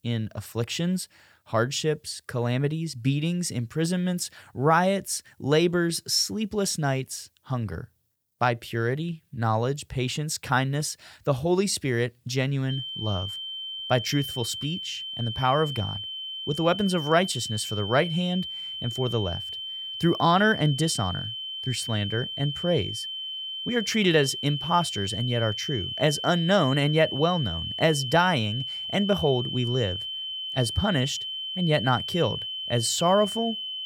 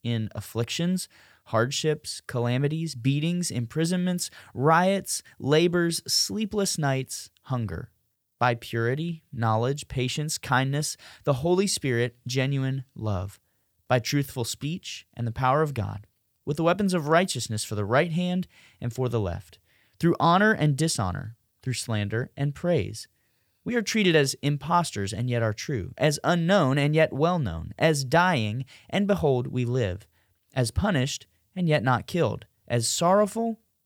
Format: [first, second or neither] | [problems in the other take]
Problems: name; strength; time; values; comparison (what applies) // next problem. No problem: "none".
second | high-pitched whine; loud; from 13 s on; 3 kHz, 5 dB below the speech